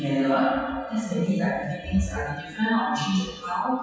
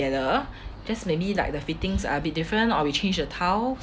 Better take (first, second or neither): second